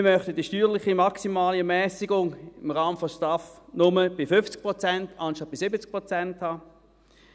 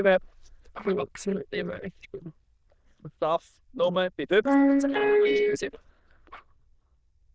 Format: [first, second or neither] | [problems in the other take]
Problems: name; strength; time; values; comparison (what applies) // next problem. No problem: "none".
first | noise reduction (neural diffusion model UNIVERSE++)